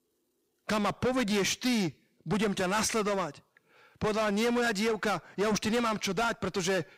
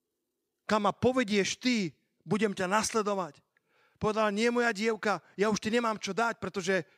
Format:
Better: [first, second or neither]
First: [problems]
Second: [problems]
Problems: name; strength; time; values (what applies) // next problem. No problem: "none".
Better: second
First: distortion; heavy; 6 dB below the speech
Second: none